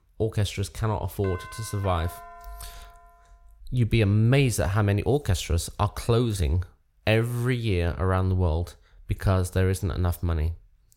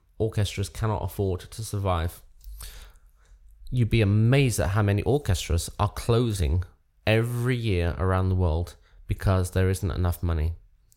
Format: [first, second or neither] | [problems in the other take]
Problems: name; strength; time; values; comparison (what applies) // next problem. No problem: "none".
second | doorbell; faint; from 1 to 3 s; peak 15 dB below the speech